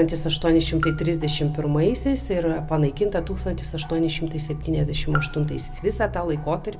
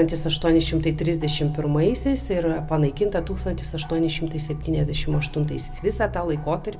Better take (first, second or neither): second